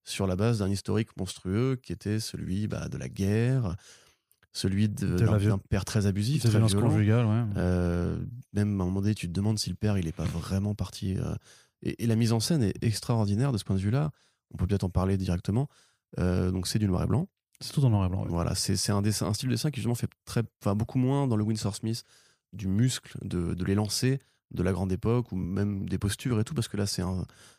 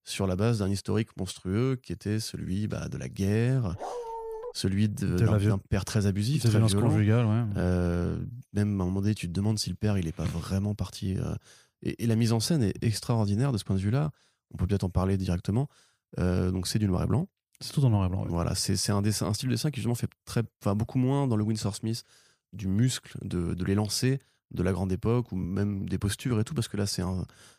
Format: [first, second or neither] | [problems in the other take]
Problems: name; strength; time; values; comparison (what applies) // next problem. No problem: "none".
first | dog barking; noticeable; at 4 s; peak 8 dB below the speech